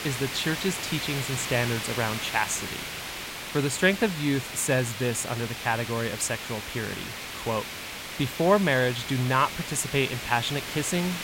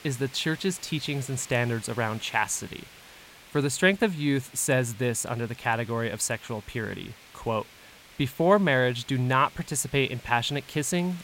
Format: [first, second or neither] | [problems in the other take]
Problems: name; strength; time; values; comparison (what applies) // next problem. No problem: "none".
second | hiss; loud; throughout; 6 dB below the speech; faint in the second